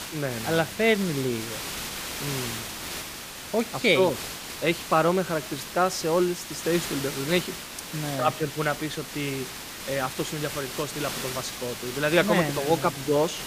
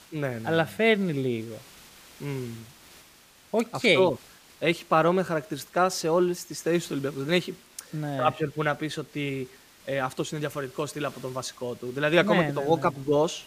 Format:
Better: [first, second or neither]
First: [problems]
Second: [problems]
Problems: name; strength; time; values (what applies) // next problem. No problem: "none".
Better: second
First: hiss; loud; throughout; 7 dB below the speech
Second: hiss; faint; throughout; 25 dB below the speech